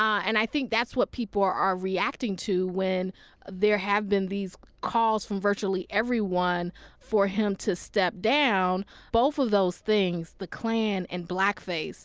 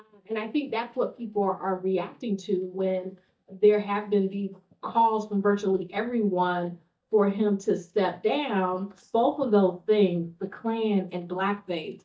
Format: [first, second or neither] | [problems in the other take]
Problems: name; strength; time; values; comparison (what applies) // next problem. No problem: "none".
first | noise reduction (neural mask model DeepFilterNet 3)